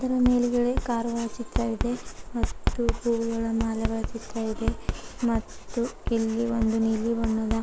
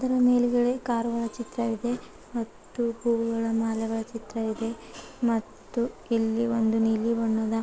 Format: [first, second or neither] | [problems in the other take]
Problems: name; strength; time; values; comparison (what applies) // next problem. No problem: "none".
second | background sound (Writing); 4 dB below the speech